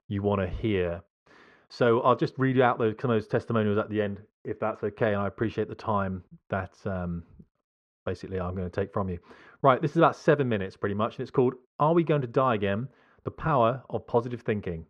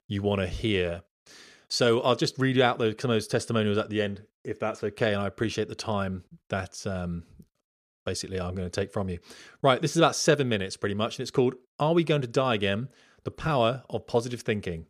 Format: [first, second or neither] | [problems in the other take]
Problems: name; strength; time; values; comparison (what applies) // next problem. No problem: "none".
second | muffled; very; fading above 4 kHz